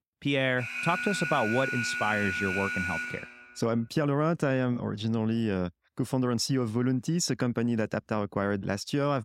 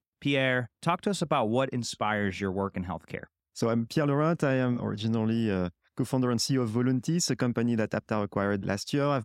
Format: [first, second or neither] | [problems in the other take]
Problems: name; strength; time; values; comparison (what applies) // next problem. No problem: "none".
second | alarm; noticeable; from 0.5 to 3.5 s; peak 1 dB below the speech